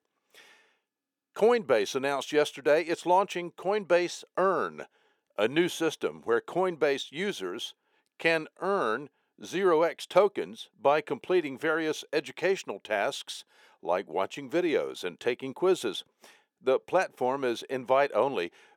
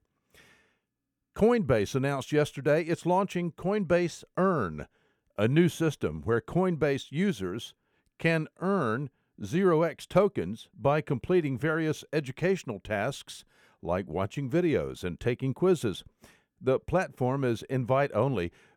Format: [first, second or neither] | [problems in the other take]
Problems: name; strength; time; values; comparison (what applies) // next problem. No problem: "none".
second | thin; somewhat; fading below 400 Hz